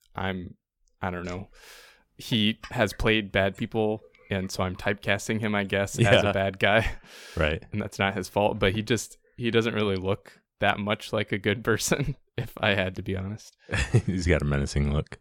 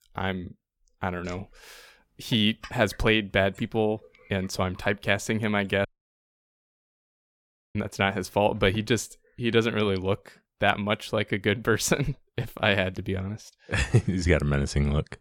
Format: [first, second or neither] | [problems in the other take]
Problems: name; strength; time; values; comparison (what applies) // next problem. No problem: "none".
first | audio cutting out; at 6 s for 2 s